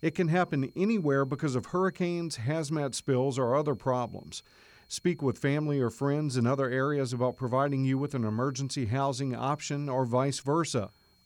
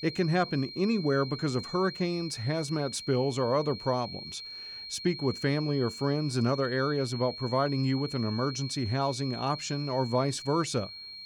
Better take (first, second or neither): first